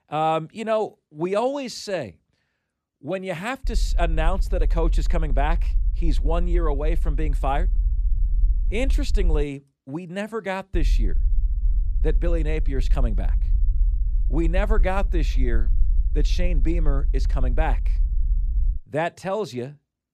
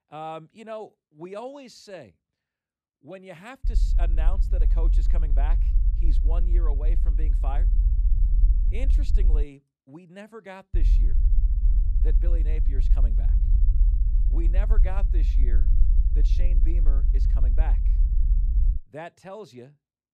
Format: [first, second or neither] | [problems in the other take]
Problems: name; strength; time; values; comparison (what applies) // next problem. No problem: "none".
first | low rumble; loud; from 3.5 to 9.5 s and from 11 to 19 s; 7 dB below the speech; faint in the first